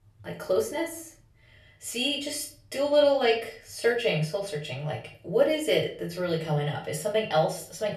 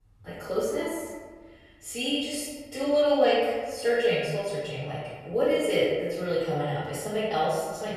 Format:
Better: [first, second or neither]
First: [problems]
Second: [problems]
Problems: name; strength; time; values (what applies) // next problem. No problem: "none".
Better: first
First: room echo; slight; dies away in 0.4 s // off-mic speech; far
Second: room echo; strong; dies away in 1.4 s // off-mic speech; far